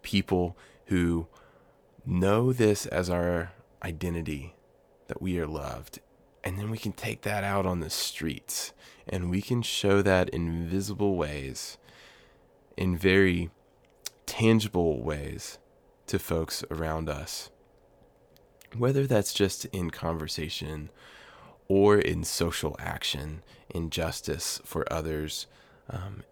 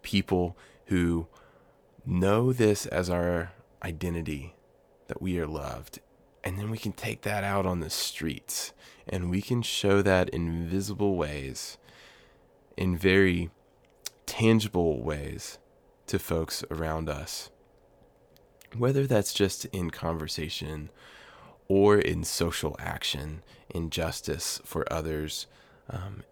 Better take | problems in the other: neither | none

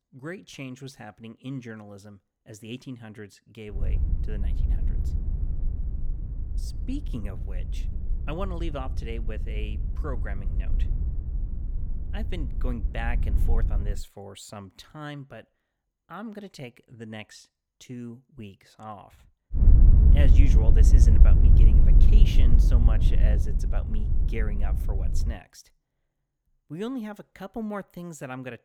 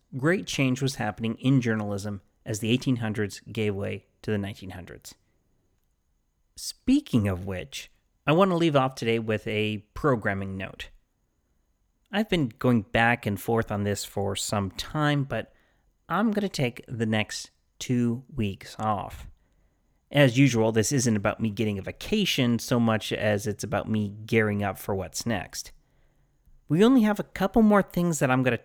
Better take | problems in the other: second | wind noise on the microphone; heavy; from 3.5 to 14 s and from 20 to 25 s; 3 dB below the speech

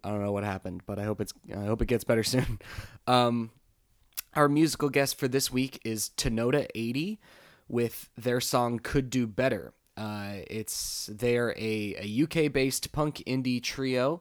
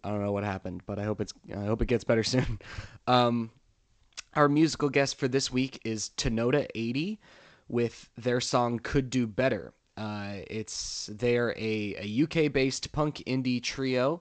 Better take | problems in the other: first | garbled, watery; slightly; nothing above 8 kHz

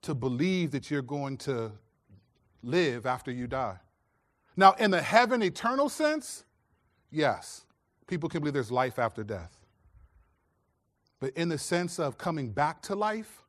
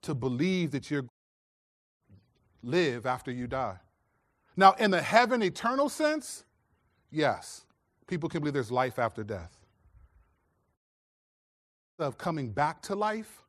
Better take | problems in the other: first | audio cutting out; at 1 s for 1 s and at 11 s for 1 s

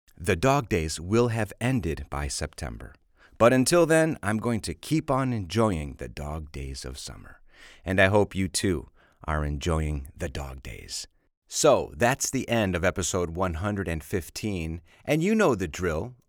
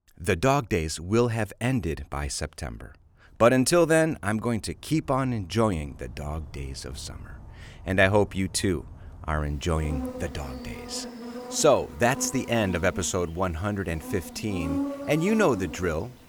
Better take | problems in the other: first | animal sounds; noticeable; throughout; 15 dB below the speech

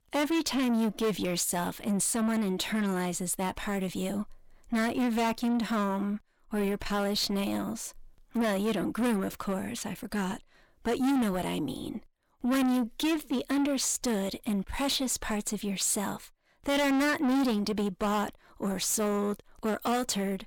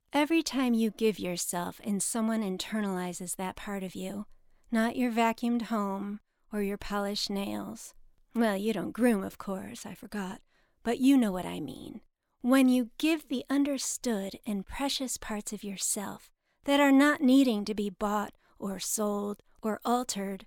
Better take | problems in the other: second | distortion; heavy; 6 dB below the speech

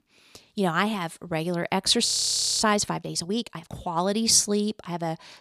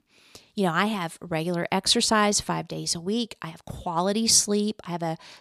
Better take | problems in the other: second | audio freezing; at 2 s for 0.5 s

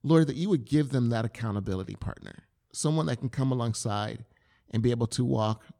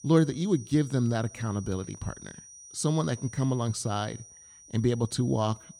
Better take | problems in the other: first | high-pitched whine; noticeable; throughout; 6 kHz, 20 dB below the speech

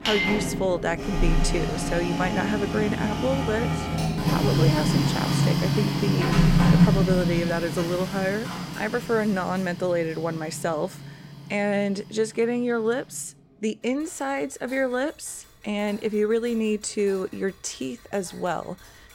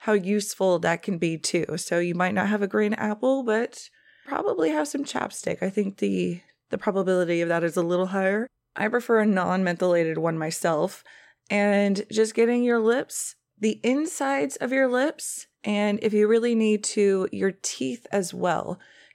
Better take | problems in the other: second | household noises; very loud; throughout; 3 dB above the speech

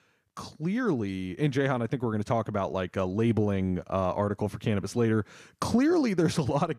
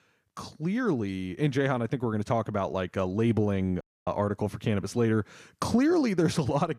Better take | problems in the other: first | audio cutting out; at 4 s

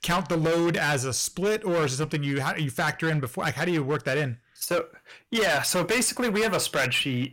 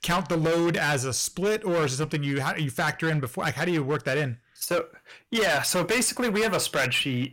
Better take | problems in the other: neither | distortion; heavy; 18% of the sound clipped; the same in both

